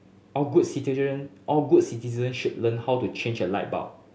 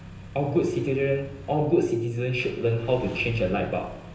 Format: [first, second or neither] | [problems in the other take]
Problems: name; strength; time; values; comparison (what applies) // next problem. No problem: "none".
first | background sound (Engine starting); 16 dB below the speech // room echo; dies away in 0.9 s